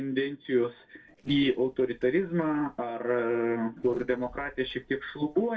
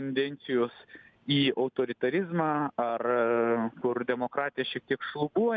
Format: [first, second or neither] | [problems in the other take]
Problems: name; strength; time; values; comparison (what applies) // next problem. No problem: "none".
second | noise reduction (neural separator model SepFormer DNS4)